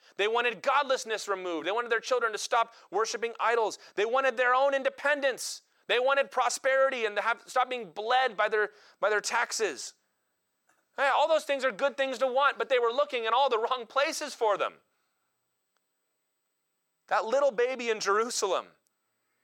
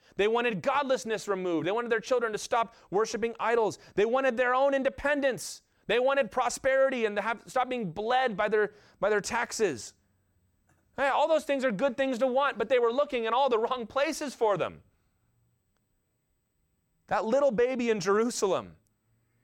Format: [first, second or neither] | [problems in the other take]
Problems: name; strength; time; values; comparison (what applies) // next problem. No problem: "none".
second | thin; somewhat; fading below 450 Hz